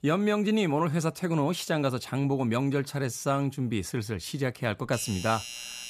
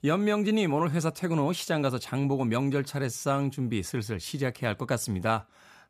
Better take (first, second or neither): second